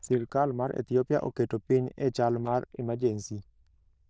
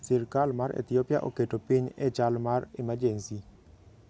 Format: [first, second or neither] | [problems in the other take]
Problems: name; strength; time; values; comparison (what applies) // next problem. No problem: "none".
second | noise reduction (neural diffusion model UNIVERSE++)